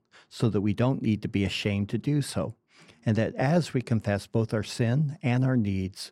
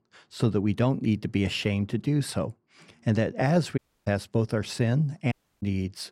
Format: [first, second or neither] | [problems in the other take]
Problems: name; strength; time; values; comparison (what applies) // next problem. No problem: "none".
first | audio cutting out; at 4 s and at 5.5 s